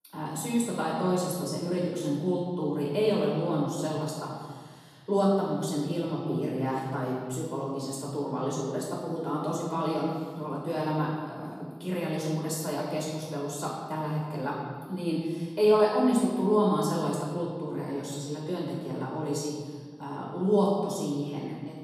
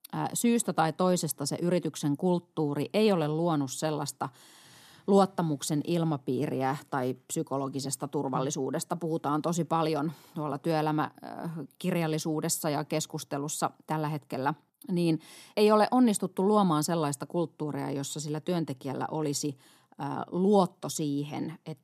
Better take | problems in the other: second | off-mic speech; far // room echo; noticeable; dies away in 1.5 s

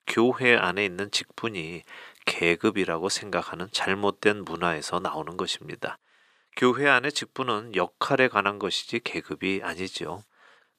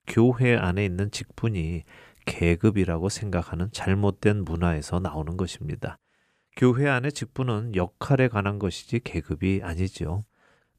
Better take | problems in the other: second | thin; somewhat; fading below 350 Hz

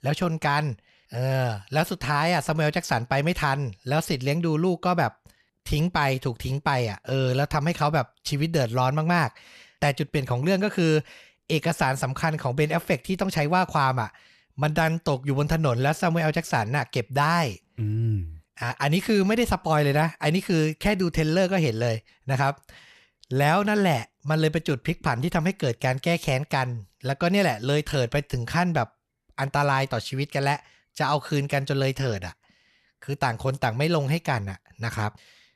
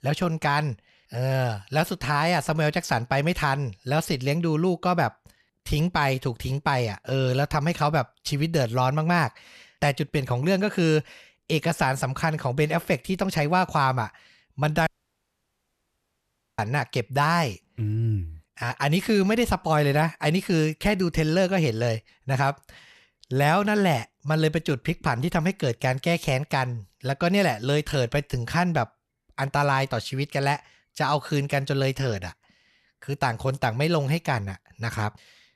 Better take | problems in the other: first | audio cutting out; at 15 s for 1.5 s

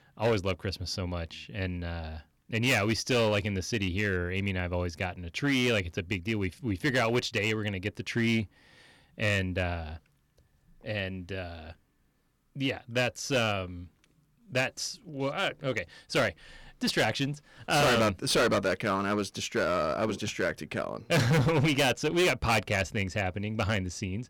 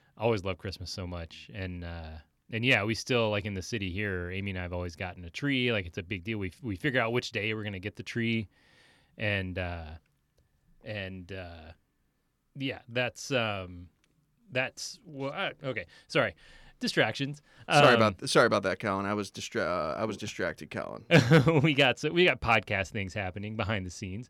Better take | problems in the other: second | distortion; heavy; 7% of the sound clipped

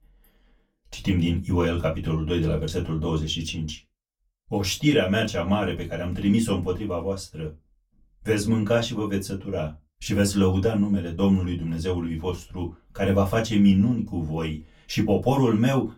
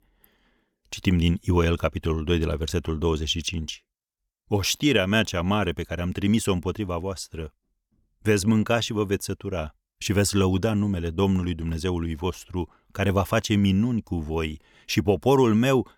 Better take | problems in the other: second | off-mic speech; far // room echo; very slight; dies away in 0.2 s

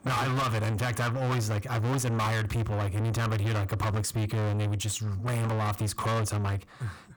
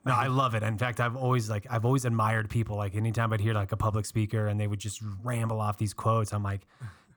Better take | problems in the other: second | distortion; heavy; 7 dB below the speech

